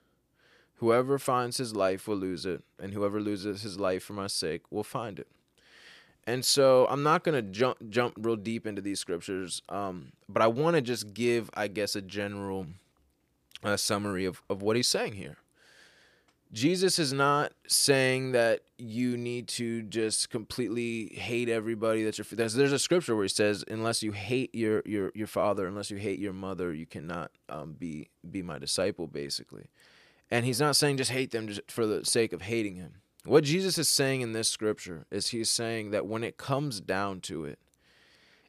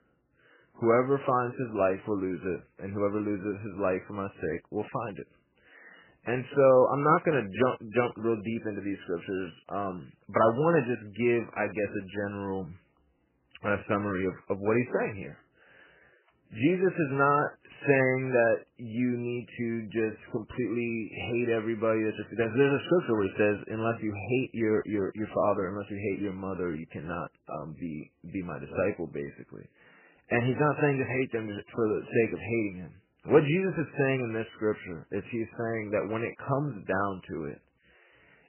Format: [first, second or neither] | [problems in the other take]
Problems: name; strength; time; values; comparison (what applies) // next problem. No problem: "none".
first | garbled, watery; badly; nothing above 3 kHz